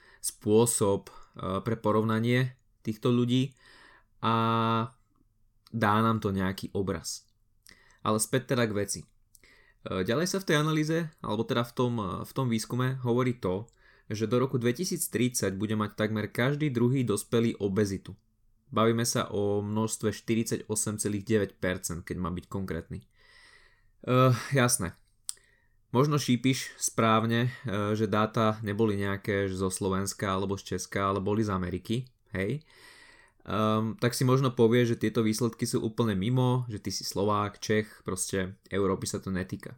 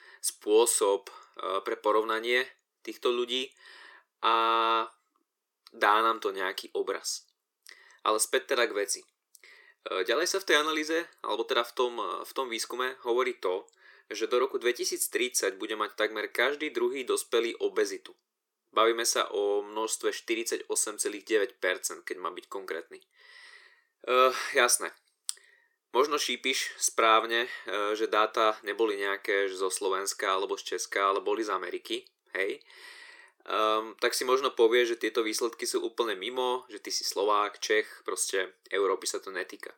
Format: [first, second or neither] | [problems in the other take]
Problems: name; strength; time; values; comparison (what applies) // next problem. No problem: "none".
first | thin; very; fading below 350 Hz